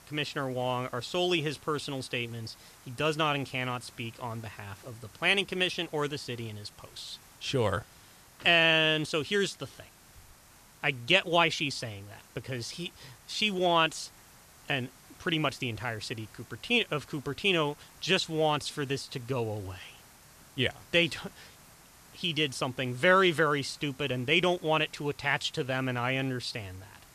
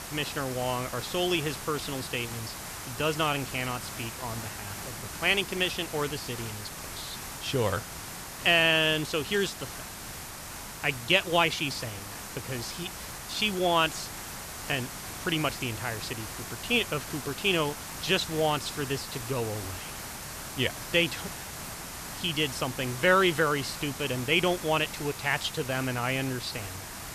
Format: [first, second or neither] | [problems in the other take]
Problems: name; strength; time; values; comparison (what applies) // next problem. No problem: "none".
first | hiss; loud; throughout; 9 dB below the speech; faint in the first